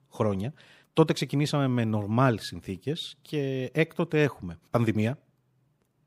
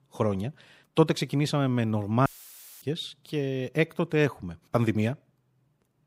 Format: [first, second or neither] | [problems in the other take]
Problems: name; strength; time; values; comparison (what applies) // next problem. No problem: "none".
first | audio cutting out; filled with static; at 2.5 s for 0.5 s